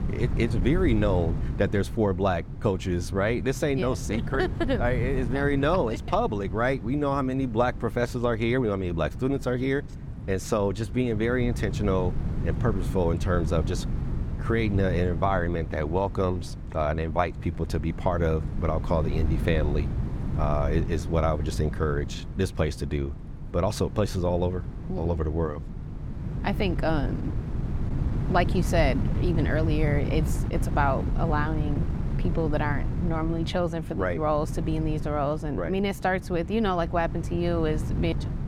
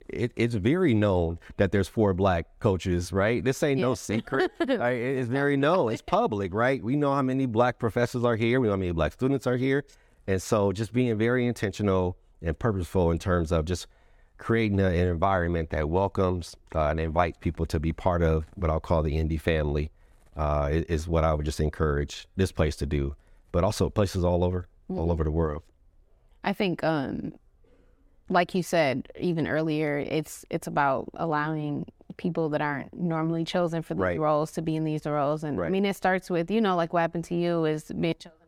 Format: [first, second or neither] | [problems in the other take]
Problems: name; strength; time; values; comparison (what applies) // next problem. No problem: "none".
second | wind noise on the microphone; occasional gusts; 15 dB below the speech